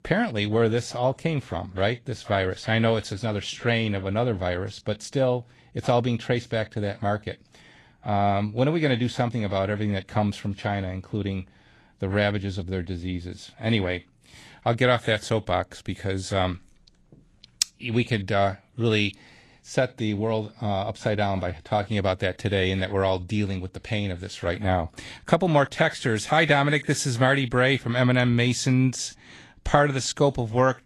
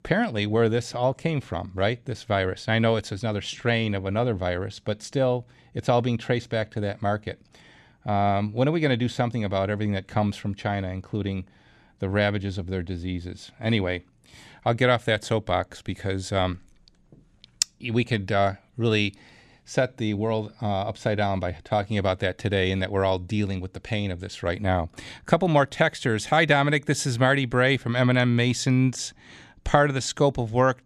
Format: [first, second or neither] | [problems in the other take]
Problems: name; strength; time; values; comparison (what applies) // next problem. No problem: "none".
second | garbled, watery; slightly; nothing above 13.5 kHz